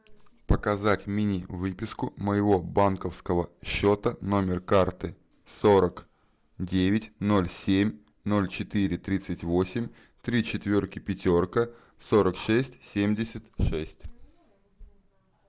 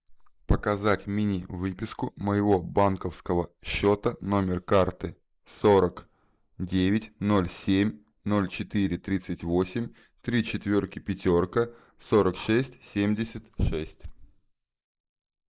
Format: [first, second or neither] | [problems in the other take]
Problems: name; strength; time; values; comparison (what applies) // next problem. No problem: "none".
first | noise reduction (neural mask model Resemble Enhance denoiser)